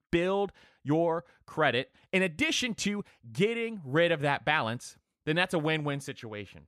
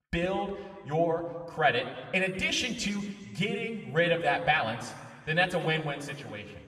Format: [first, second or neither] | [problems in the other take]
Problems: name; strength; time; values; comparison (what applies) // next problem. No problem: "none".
first | room echo; slight; dies away in 1.4 s // off-mic speech; somewhat distant